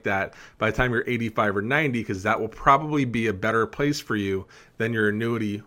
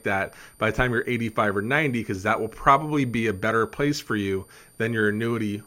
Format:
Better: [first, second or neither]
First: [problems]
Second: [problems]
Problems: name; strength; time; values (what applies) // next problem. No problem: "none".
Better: first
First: none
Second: high-pitched whine; faint; throughout; 9 kHz, 30 dB below the speech